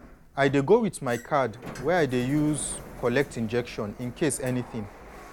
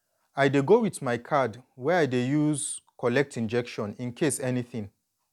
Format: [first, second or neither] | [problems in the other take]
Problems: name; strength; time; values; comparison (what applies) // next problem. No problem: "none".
second | background sound (Sliding door); 17 dB below the speech